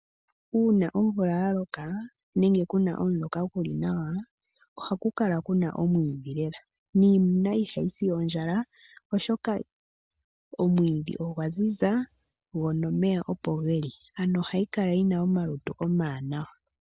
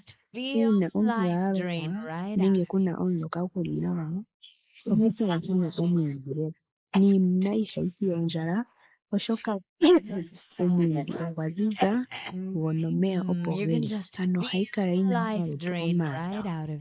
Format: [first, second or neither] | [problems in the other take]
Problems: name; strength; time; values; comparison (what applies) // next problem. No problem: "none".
first | noise reduction (neural mask model Resemble Enhance denoiser)